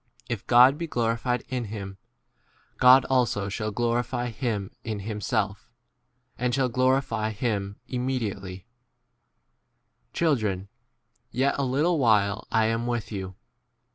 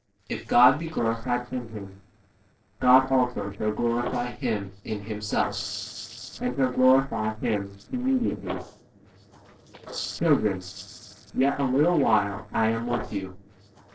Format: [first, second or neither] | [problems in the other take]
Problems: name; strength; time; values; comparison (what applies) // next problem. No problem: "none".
first | noise reduction (neural separator model SepFormer DNS4)